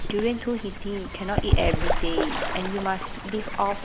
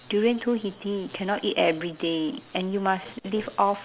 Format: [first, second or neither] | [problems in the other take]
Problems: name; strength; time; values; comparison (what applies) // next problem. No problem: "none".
second | background sound (Bird / Fowl); 2 dB above the speech